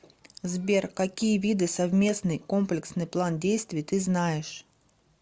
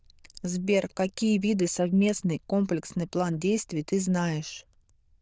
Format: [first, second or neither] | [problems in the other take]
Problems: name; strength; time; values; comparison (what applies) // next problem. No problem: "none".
first | noise reduction (neural diffusion model UNIVERSE++)